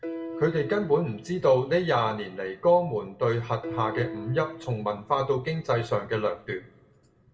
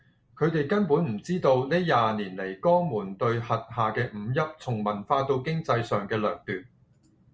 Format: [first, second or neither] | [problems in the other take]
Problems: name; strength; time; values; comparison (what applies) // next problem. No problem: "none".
second | background sound (Piano); 14 dB below the speech // room echo; dies away in 1 s